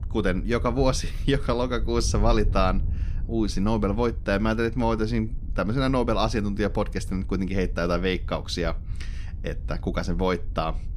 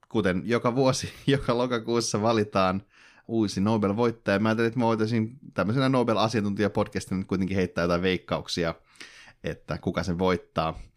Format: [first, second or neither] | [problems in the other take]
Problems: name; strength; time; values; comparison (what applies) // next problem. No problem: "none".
second | wind noise on the microphone; occasional gusts; 25 dB below the speech